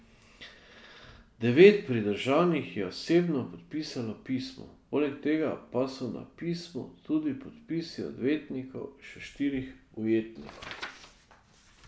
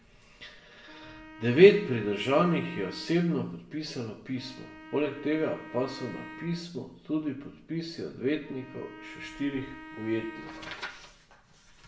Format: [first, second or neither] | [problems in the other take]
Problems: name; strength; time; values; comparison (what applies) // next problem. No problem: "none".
first | background sound (Wind instrument, woodwind instrument); 18 dB below the speech // room echo; dies away in 0.6 s